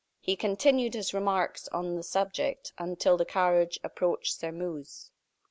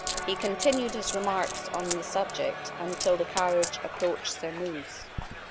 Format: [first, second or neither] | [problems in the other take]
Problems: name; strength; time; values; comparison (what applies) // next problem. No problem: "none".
first | background sound (Crowd + Coin (dropping)); 6 dB below the speech